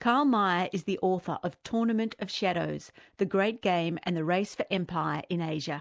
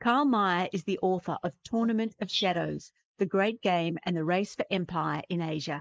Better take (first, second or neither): first